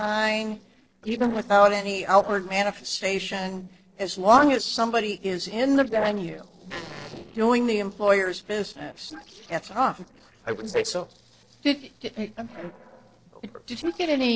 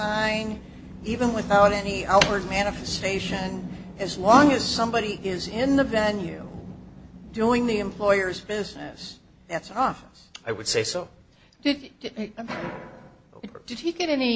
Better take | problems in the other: second | noise reduction (neural separator model SepFormer DNS4)

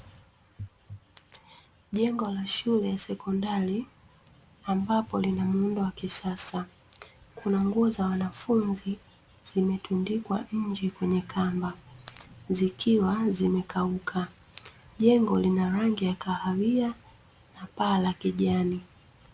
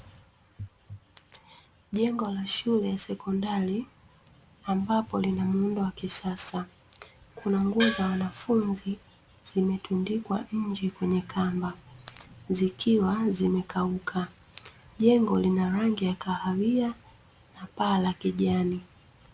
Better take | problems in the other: first | background sound (Gong); 7 dB below the speech

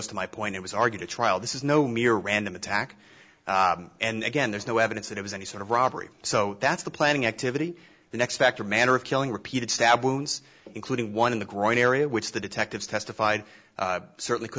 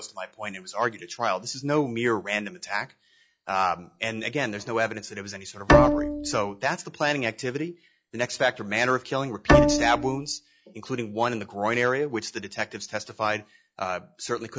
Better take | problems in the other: first | noise reduction (classical method log-MMSE)

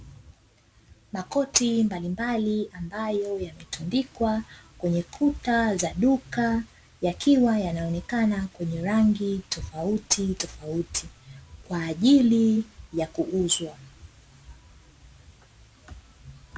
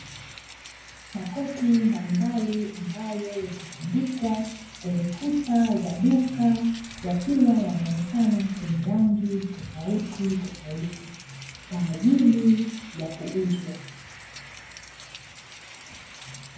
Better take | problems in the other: first | background sound (Rain); 19 dB below the speech // room echo; dies away in 0.9 s

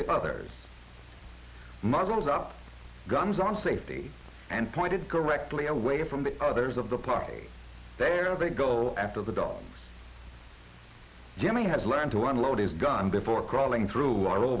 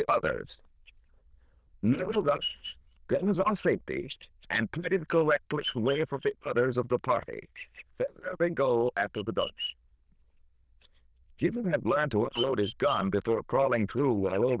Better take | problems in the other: first | noise reduction (neural diffusion model UNIVERSE++)

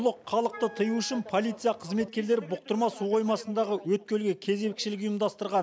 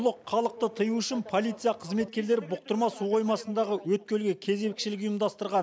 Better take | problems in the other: second | background sound (Wind instrument, woodwind instrument); 20 dB below the speech

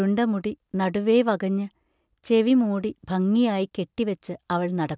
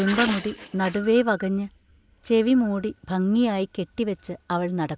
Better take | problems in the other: first | noise reduction (neural mask model Resemble Enhance denoiser)

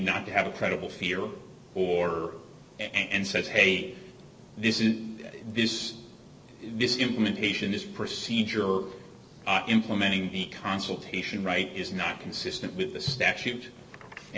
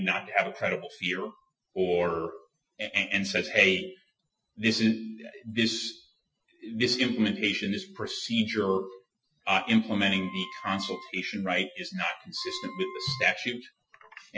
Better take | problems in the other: first | noise reduction (classical method Wiener filter)

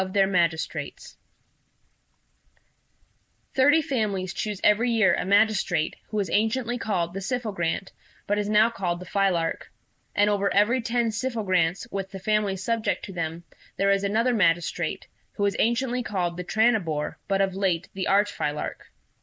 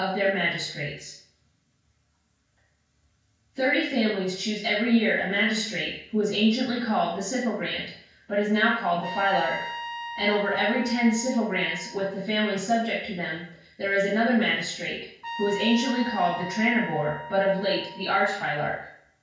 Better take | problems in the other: first | background sound (Trumpet); 11 dB below the speech // room echo; dies away in 0.5 s

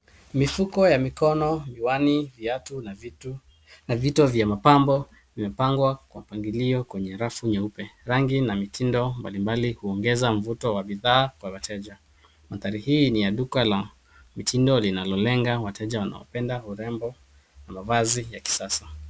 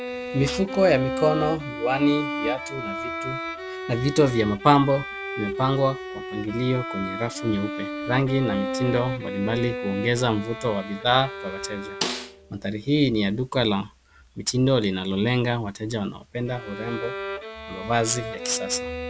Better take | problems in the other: first | background sound (Snare drum + Bowed string instrument); 8 dB below the speech

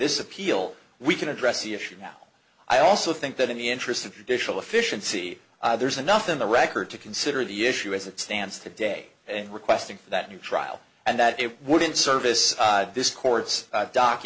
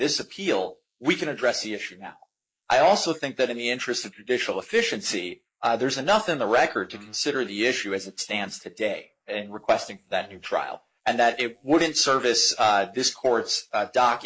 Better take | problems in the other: first | noise reduction (neural mask model Resemble Enhance denoiser)

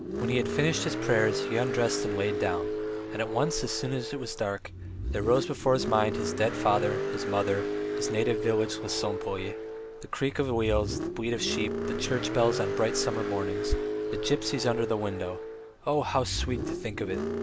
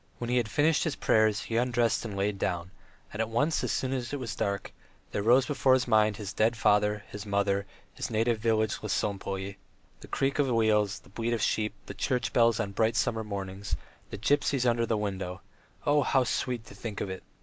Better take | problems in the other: second | background sound (Car); 3 dB below the speech

